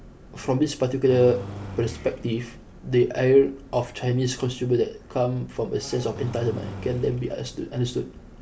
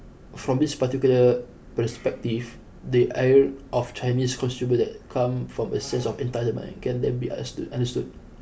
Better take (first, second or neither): second